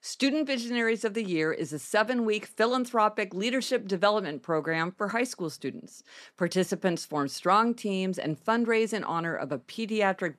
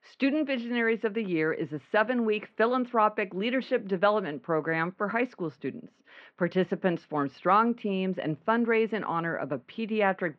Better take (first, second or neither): first